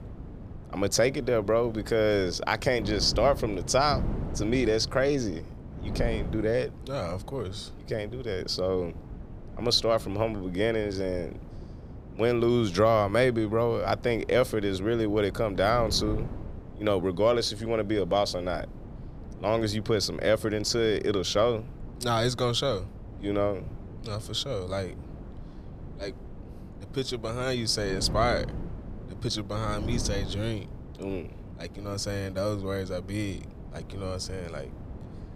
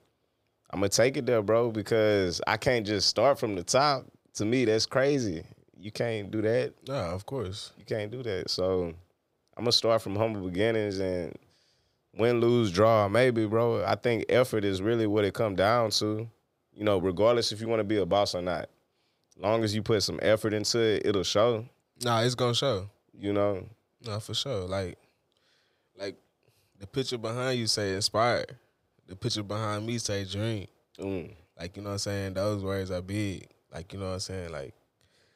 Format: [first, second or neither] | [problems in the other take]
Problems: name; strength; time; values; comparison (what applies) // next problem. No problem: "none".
second | wind noise on the microphone; occasional gusts; 20 dB below the speech